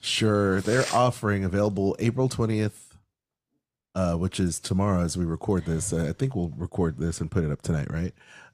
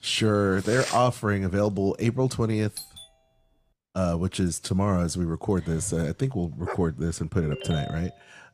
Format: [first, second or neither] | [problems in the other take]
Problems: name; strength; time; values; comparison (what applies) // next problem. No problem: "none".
first | doorbell; faint; at 3 s; peak 15 dB below the speech // dog barking; faint; at 6.5 s; peak 10 dB below the speech // phone ringing; noticeable; at 7.5 s; peak 9 dB below the speech